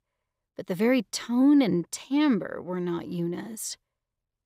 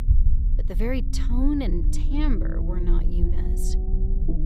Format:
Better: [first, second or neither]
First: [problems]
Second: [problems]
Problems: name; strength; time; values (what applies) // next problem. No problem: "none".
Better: first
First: none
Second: low rumble; loud; throughout; 8 dB below the speech